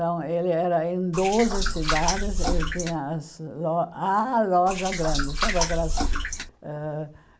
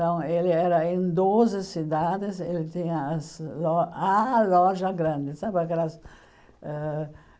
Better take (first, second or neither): second